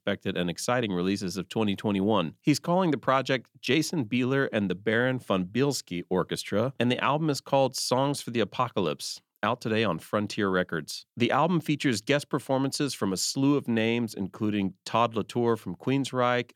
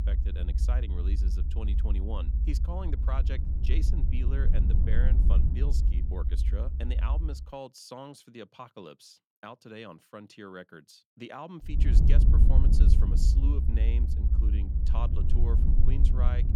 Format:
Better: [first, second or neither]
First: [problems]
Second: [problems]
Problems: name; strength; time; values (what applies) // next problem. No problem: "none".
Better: first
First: none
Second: low rumble; loud; until 7.5 s and from 12 s on; 2 dB below the speech